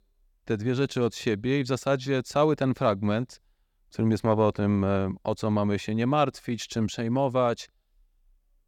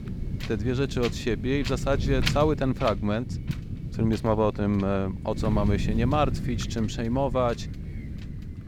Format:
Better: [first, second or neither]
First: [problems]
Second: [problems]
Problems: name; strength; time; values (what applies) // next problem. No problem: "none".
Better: first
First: none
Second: wind noise on the microphone; occasional gusts; 10 dB below the speech